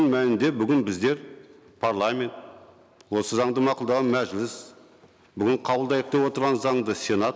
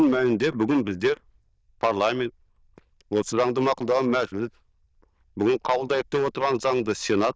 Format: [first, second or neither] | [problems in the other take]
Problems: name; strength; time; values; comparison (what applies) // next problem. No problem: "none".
first | noise reduction (neural diffusion model UNIVERSE++)